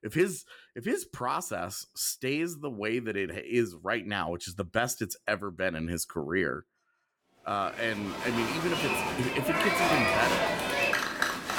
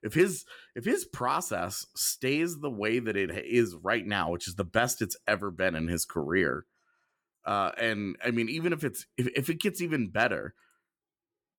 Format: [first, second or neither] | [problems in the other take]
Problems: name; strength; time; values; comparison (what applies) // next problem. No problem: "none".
second | crowd noise; very loud; from 8 s on; 3 dB above the speech